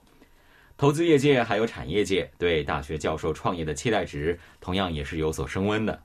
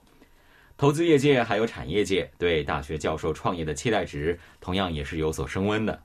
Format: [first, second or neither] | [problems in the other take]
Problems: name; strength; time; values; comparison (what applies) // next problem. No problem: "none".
neither | none